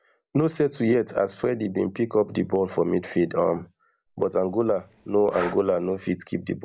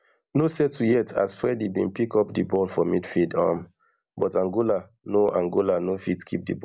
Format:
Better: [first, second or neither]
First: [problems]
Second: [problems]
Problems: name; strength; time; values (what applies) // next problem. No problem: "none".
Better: second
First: background sound (Breathing); 16 dB below the speech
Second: none